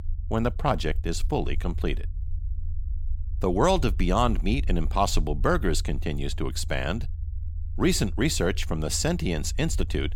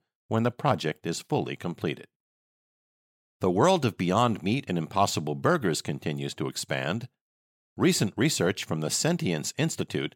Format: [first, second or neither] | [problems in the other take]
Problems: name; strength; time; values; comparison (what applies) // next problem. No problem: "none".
second | low rumble; faint; throughout; 25 dB below the speech